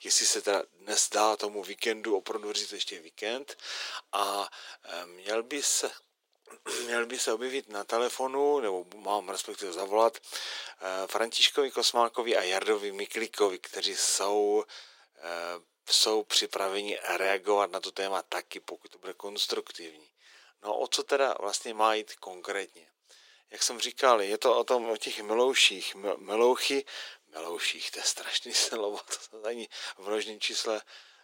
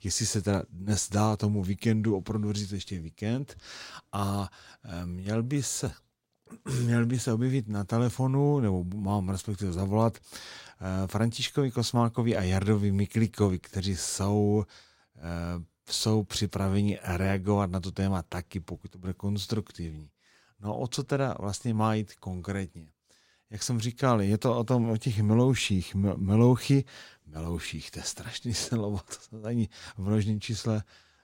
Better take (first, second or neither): second